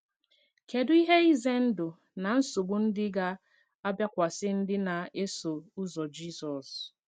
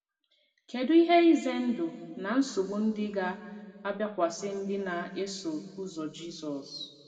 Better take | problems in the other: first | room echo; dies away in 1.8 s

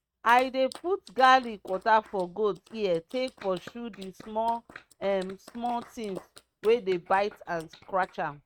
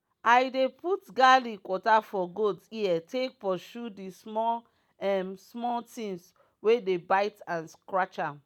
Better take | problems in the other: second | noise reduction (neural mask model RNNoise)

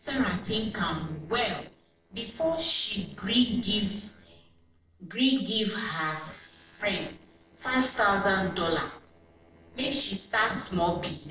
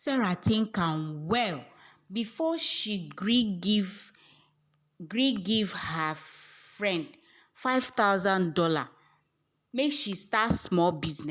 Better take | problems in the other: second | noise reduction (neural separator model SepFormer DNS4)

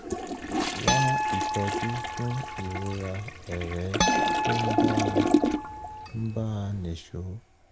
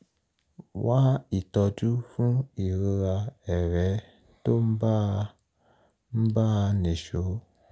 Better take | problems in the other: second | background sound (Toilet flush + Harp); 5 dB above the speech

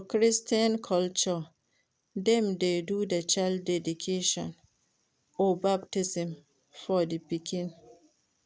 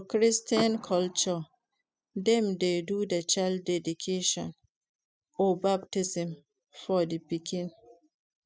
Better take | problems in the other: first | noise reduction (classical method spectral subtraction)

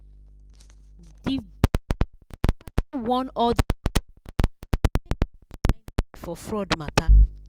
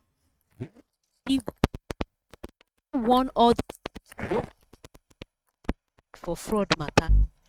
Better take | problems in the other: first | noise reduction (neural mask model RNNoise)

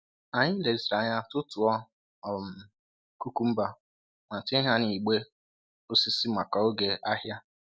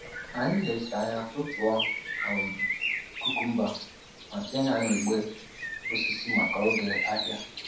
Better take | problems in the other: first | background sound (Bird); 3 dB below the speech // room echo; dies away in 0.7 s

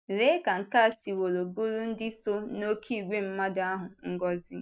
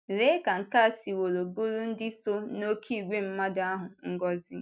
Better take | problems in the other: second | noise reduction (neural mask model Resemble Enhance denoiser)

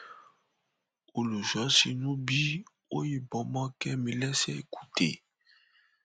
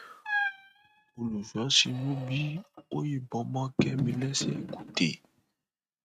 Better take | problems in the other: first | noise reduction (neural mask model RNNoise)

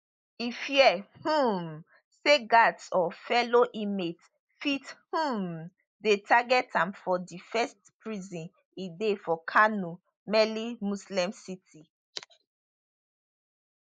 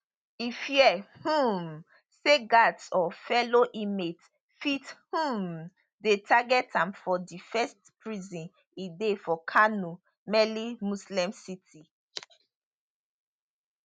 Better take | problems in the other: second | noise reduction (neural mask model Resemble Enhance denoiser)

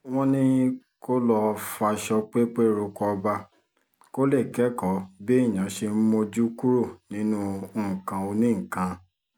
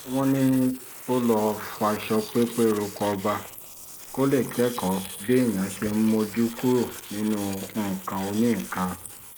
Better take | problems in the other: first | noise reduction (neural mask model Resemble Enhance denoiser)

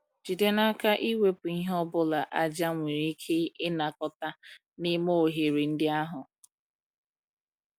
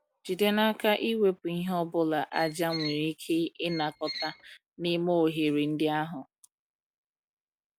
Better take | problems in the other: first | background sound (Squeak); 11 dB below the speech

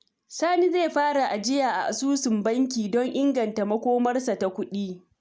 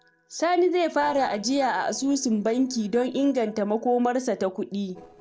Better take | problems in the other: first | noise reduction (neural separator model SepFormer DNS4)

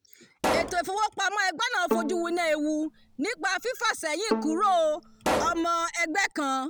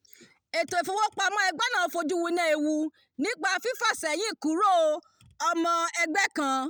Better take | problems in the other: second | background sound (Bowed string instrument + Explosion); 6 dB below the speech

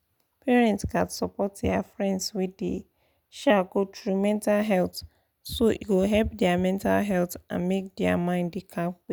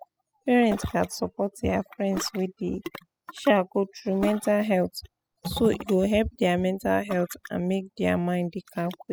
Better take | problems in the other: first | noise reduction (classical method spectral subtraction)

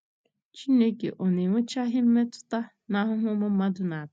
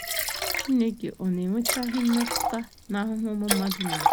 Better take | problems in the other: first | background sound (Liquid); 2 dB below the speech

